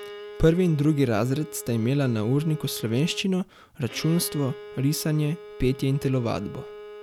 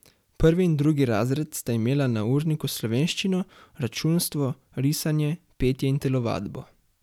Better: second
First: background sound (Bowed string instrument); 16 dB below the speech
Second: none

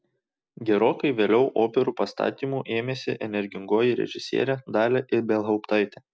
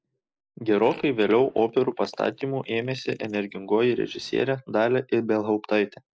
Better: first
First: none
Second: noise reduction (neural mask model Resemble Enhance denoiser)

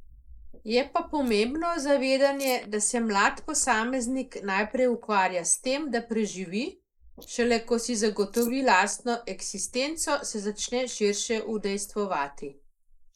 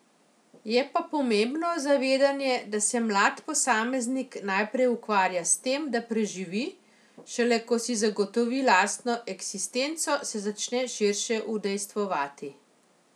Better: second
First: noise reduction (neural mask model Resemble Enhance denoiser)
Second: none

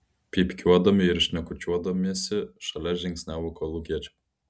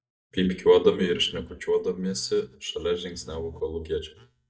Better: first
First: none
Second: noise reduction (neural mask model DeepFilterNet 3)

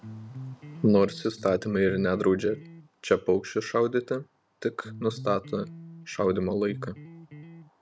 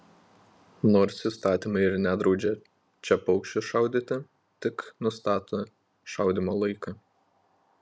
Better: second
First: background sound (Electric guitar); 15 dB below the speech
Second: none

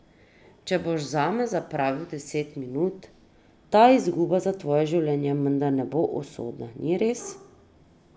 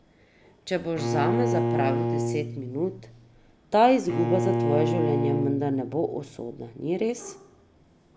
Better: first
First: none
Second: background sound (Bowed string instrument); as loud as the speech

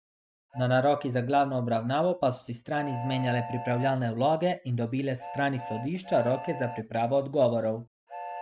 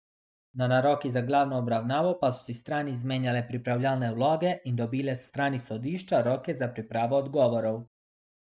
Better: second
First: background sound (Train); 15 dB below the speech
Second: none

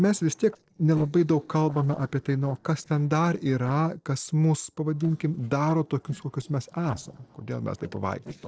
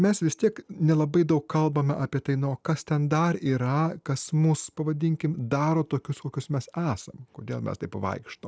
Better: second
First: noise reduction (neural separator model SepFormer DNS4)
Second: none

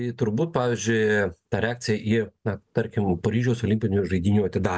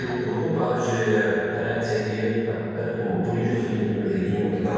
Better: first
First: none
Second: background sound (Bird / Fowl); 16 dB below the speech // room echo; dies away in 2.2 s

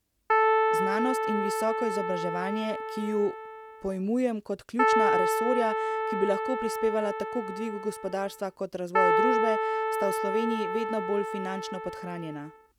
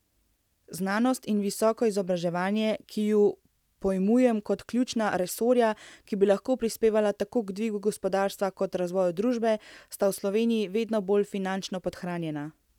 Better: second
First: background sound (Keyboard (musical)); 3 dB above the speech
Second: none

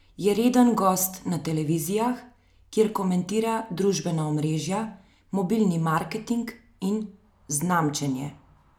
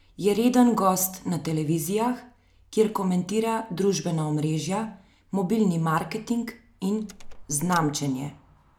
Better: first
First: none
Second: background sound (Door); 15 dB below the speech

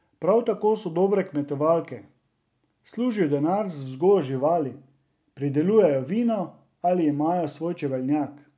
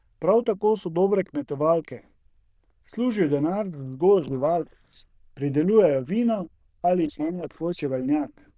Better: first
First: none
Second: noise reduction (neural diffusion model UNIVERSE++)

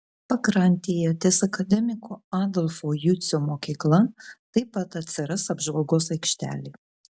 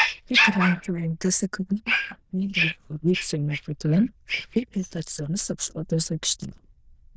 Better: first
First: none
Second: noise reduction (neural diffusion model UNIVERSE++)

